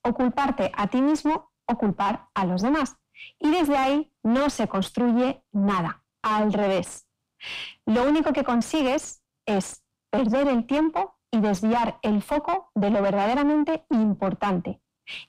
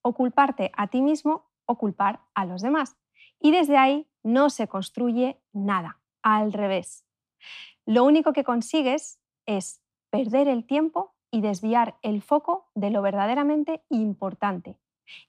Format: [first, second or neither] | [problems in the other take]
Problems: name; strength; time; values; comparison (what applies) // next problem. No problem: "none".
second | distortion; heavy; 6 dB below the speech